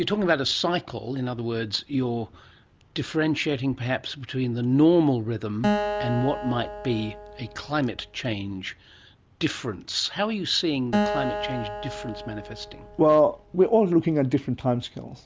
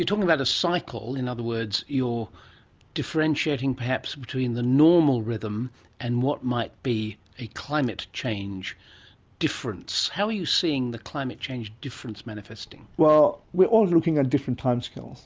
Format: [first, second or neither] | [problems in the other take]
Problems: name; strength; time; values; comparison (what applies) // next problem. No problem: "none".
second | background sound (Acoustic guitar); 6 dB below the speech